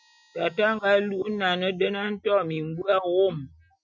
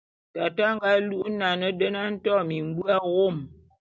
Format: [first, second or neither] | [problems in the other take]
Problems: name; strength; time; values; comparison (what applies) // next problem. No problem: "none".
second | noise reduction (classical method Wiener filter)